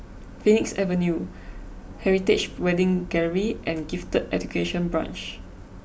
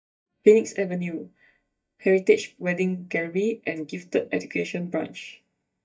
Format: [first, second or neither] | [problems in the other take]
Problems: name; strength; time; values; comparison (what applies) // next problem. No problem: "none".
first | noise reduction (neural mask model DeepFilterNet 3)